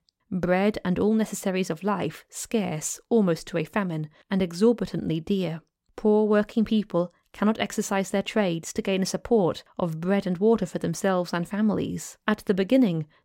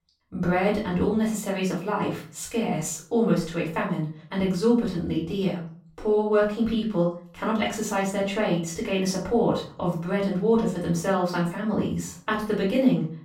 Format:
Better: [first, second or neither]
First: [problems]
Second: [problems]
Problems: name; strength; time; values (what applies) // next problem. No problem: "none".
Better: first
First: none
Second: off-mic speech; far // room echo; slight; dies away in 0.4 s